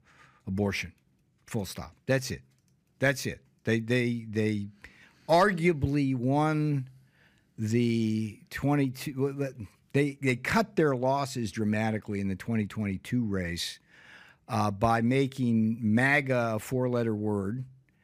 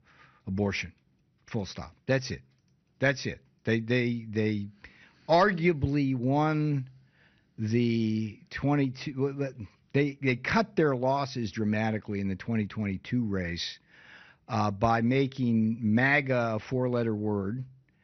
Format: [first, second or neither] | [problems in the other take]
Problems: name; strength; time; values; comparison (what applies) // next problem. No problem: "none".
first | garbled, watery; slightly; nothing above 6 kHz